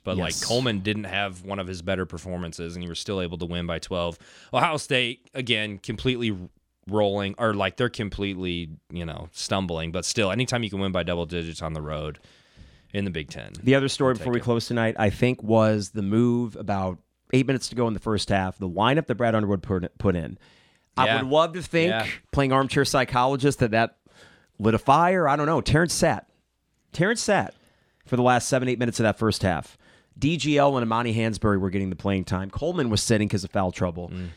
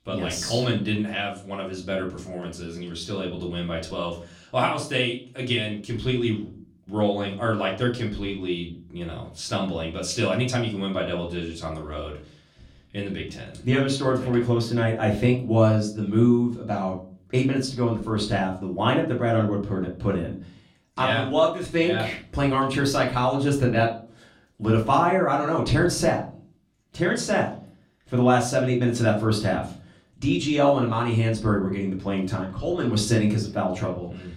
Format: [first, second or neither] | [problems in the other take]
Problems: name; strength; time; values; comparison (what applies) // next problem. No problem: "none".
first | room echo; slight; dies away in 0.3 s // off-mic speech; far